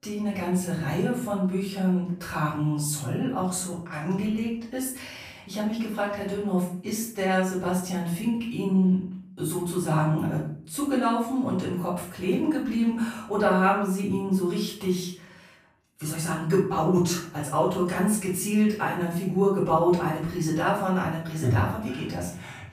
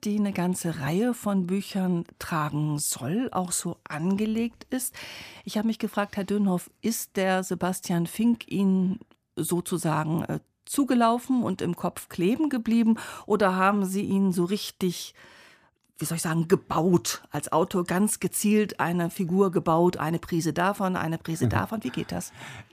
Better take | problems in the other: second | off-mic speech; far // room echo; noticeable; dies away in 0.5 s

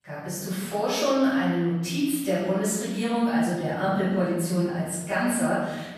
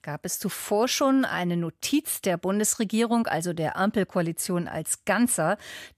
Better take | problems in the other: second | off-mic speech; far // room echo; strong; dies away in 1.1 s

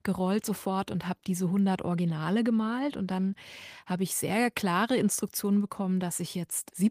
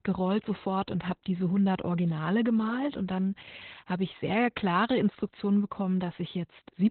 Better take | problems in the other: first | garbled, watery; badly; nothing above 4 kHz; slightly in the first

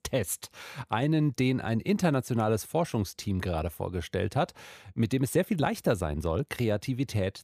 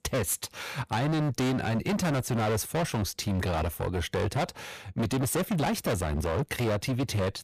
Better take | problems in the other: first | distortion; heavy; 27% of the sound clipped

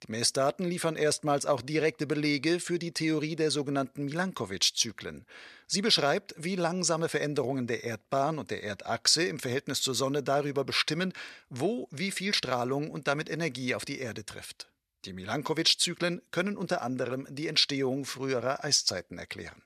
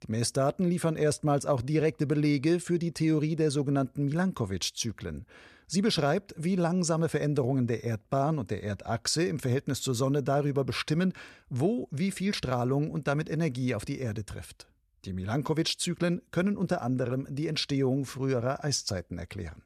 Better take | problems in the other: second | thin; very slightly; fading below 450 Hz

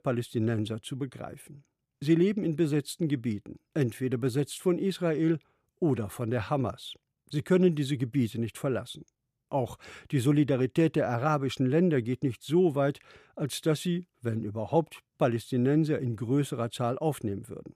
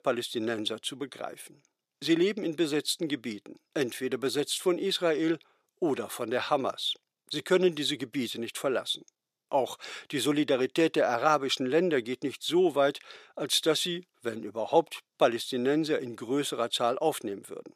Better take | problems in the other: first | thin; somewhat; fading below 400 Hz

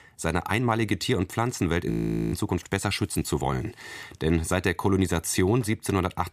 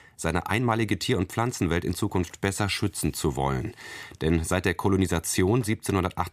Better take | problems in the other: second | audio freezing; at 2 s

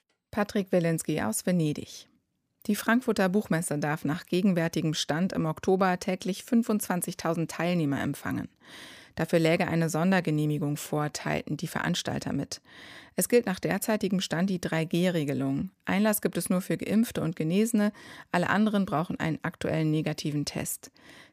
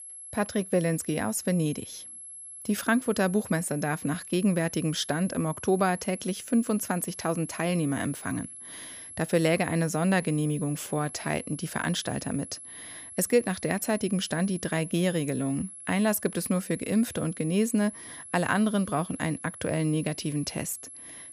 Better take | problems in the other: first | high-pitched whine; noticeable; throughout; 11 kHz, 15 dB below the speech

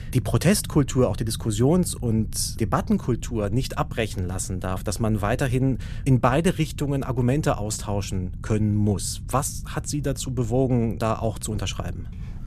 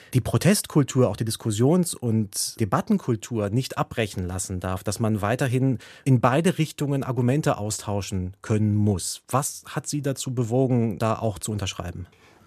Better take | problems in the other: second | low rumble; faint; throughout; 20 dB below the speech

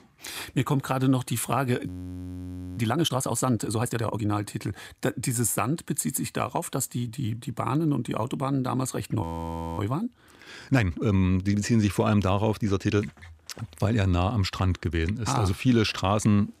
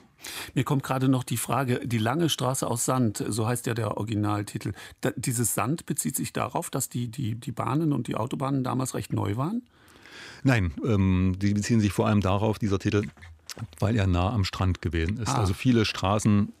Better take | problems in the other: second | audio freezing; at 2 s for 1 s and at 9 s for 0.5 s

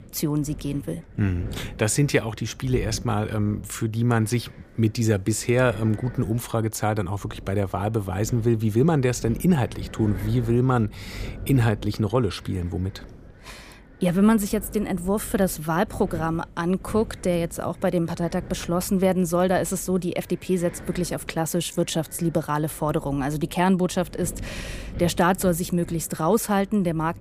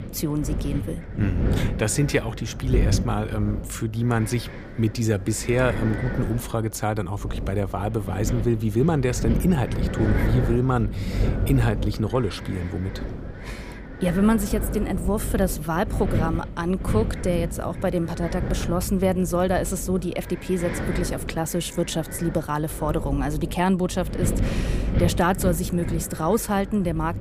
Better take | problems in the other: first | wind noise on the microphone; heavy; 9 dB below the speech; occasional gusts in the first

